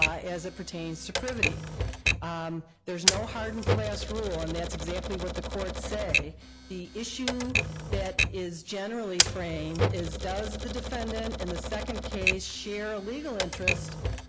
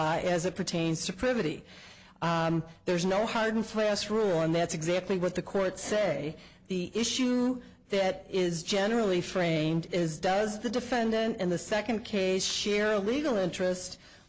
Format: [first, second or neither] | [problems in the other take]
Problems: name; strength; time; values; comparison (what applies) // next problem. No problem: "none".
second | background sound (Typewriter); 4 dB above the speech